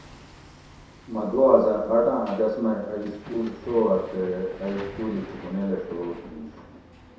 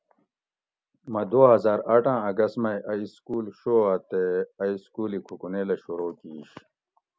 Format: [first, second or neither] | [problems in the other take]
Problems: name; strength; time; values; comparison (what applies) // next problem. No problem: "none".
second | background sound (Hammer); 18 dB below the speech // room echo; dies away in 0.7 s